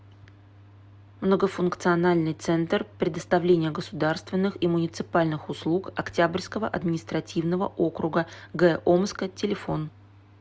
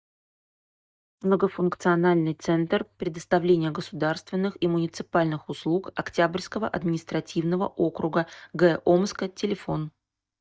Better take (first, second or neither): first